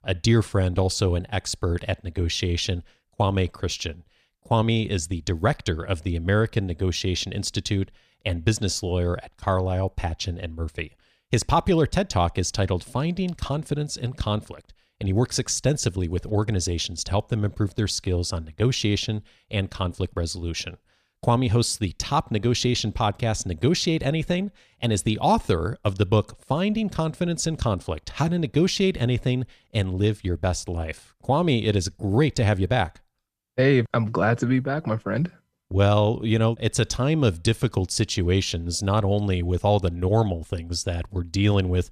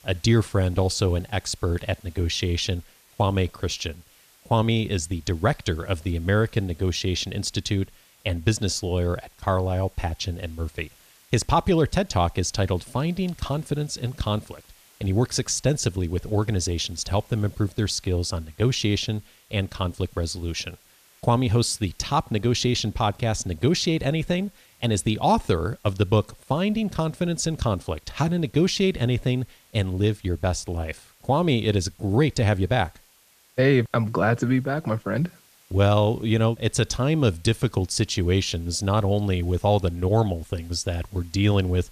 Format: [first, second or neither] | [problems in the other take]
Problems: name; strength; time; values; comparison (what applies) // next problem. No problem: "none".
first | hiss; faint; throughout; 30 dB below the speech